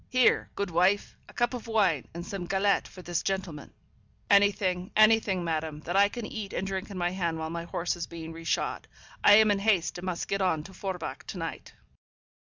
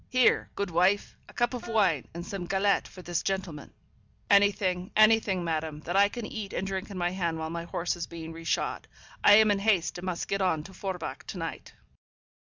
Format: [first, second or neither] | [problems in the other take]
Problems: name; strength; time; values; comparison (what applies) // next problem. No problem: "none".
first | background sound (Wind instrument, woodwind instrument); 16 dB below the speech